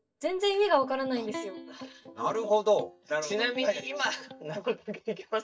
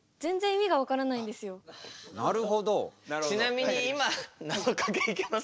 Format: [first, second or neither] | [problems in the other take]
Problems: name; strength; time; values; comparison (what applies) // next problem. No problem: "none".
second | noise reduction (neural mask model DeepFilterNet 3)